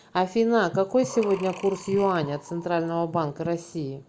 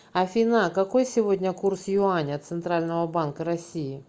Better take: second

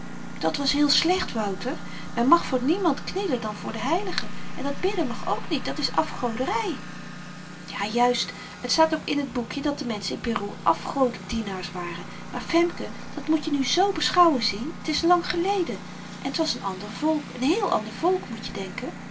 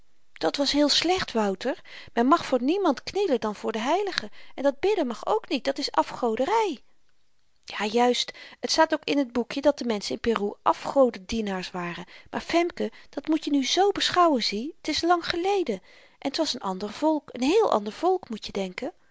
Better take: second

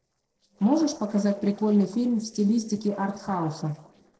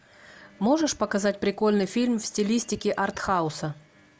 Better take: second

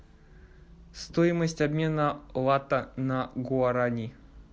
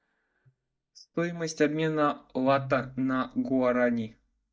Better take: first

